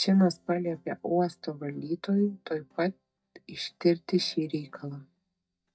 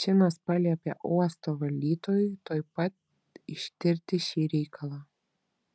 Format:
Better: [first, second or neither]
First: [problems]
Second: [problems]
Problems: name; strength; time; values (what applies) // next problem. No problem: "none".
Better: second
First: noise reduction (neural mask model DeepFilterNet 3)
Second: none